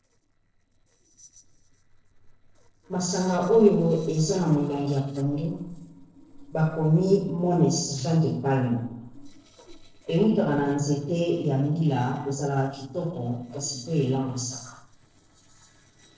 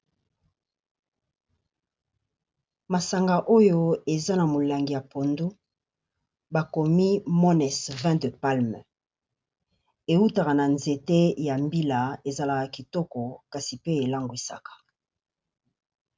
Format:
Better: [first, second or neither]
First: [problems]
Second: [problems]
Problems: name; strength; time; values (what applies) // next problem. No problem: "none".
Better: second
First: noise reduction (neural separator model SepFormer DNS4)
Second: none